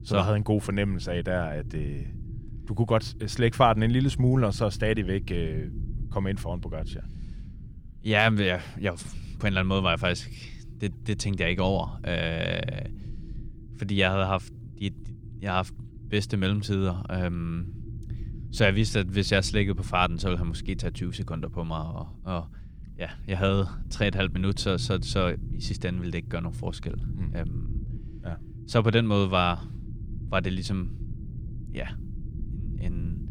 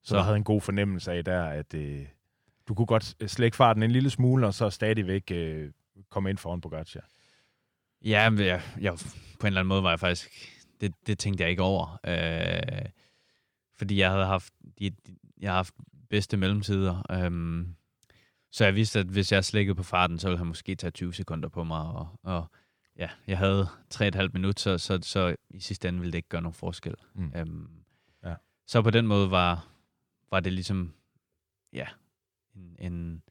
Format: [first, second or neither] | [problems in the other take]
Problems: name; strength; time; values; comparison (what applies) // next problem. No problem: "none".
second | low rumble; faint; throughout; 20 dB below the speech